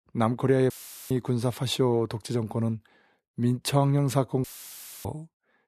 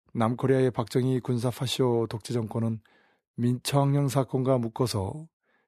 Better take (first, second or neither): second